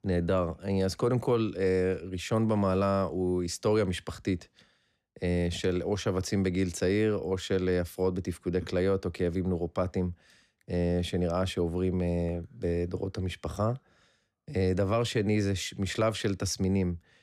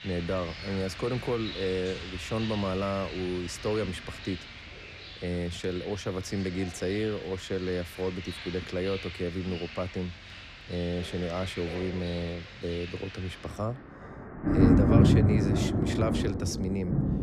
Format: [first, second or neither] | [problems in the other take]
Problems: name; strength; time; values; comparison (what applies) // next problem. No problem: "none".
first | rain or running water; very loud; throughout; 3 dB above the speech